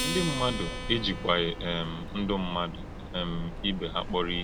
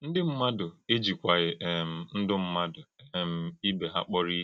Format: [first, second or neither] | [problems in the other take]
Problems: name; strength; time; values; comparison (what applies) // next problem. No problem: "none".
second | background sound (Train + Acoustic guitar); 5 dB below the speech